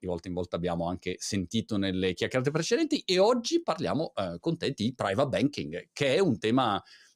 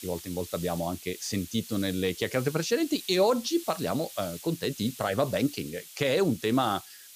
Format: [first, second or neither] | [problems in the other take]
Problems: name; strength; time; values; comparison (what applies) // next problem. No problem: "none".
first | hiss; noticeable; throughout; 15 dB below the speech